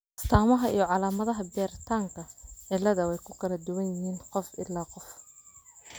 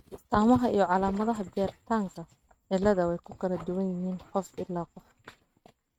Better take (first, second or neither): first